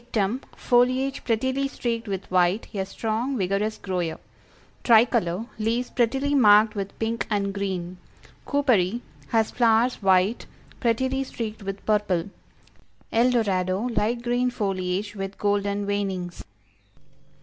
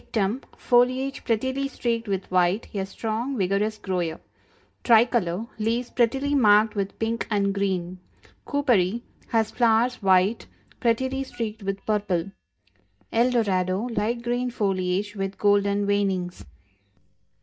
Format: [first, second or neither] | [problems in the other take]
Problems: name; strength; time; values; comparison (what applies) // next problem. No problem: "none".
first | noise reduction (neural mask model DeepFilterNet 3)